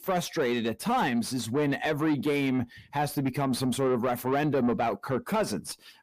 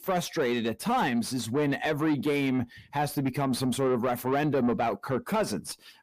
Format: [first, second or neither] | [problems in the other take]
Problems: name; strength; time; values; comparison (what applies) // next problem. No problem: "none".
neither | distortion; slight; 10 dB below the speech; the same in both